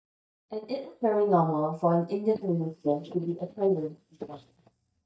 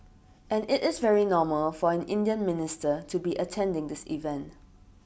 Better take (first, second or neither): second